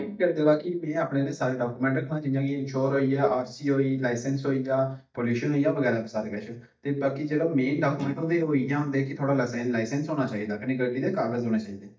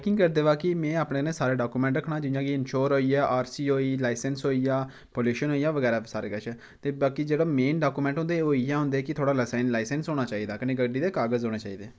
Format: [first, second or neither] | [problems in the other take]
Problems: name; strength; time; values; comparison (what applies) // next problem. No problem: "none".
second | noise reduction (neural mask model DeepFilterNet 3)